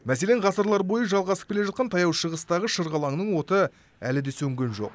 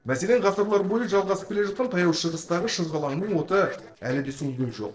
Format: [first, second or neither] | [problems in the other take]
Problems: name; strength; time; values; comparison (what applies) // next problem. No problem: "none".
first | noise reduction (neural separator model SepFormer DNS4)